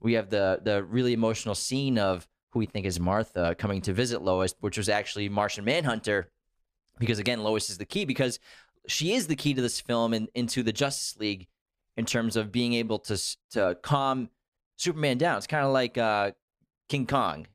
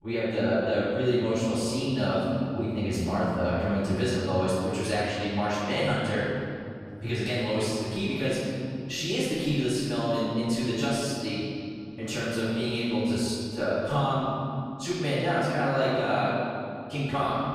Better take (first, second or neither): first